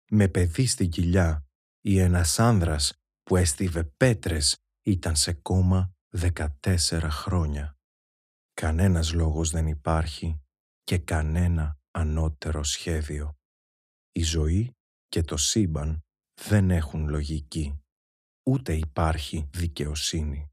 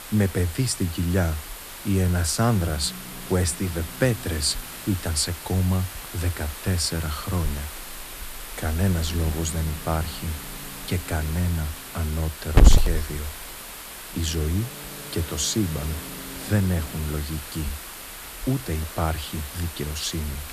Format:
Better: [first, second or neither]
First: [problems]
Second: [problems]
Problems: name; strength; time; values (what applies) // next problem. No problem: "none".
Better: first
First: none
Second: hiss; loud; throughout; 5 dB below the speech